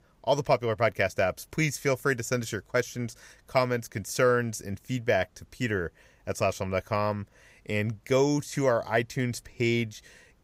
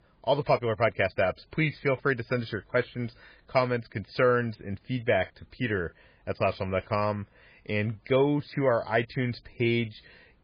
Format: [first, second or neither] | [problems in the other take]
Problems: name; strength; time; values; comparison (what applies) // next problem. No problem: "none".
first | garbled, watery; badly; nothing above 5 kHz